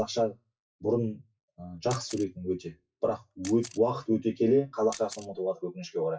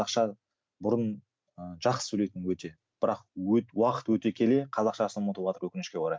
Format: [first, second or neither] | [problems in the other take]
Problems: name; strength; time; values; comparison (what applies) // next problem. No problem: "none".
second | noise reduction (classical method WPE with log-MMSE)